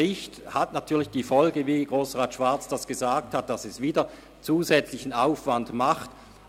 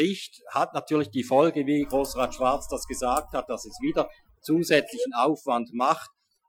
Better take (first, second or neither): first